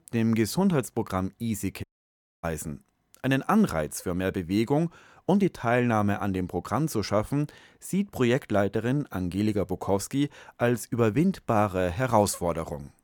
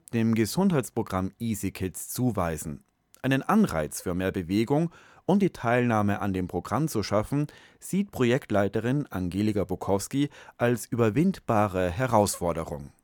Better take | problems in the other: second | audio cutting out; at 2 s for 0.5 s

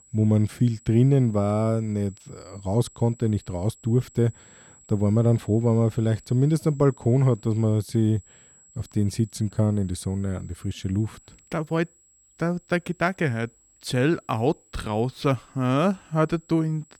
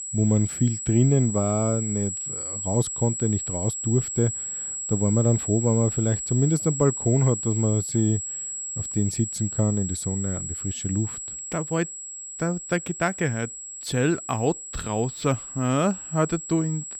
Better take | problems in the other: first | high-pitched whine; loud; throughout; 7.5 kHz, 5 dB below the speech; faint in the first

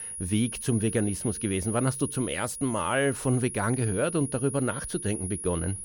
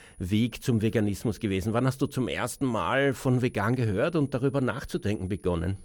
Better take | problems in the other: second | high-pitched whine; loud; throughout; 10.5 kHz, 6 dB below the speech; faint in the second

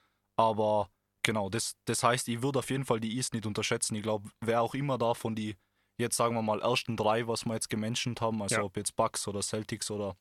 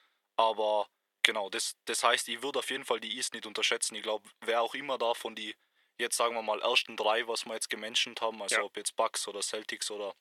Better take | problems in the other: first | thin; very; fading below 400 Hz

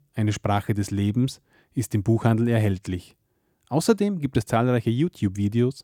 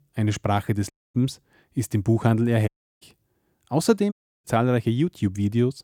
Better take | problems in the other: first | audio cutting out; at 1 s, at 2.5 s and at 4 s

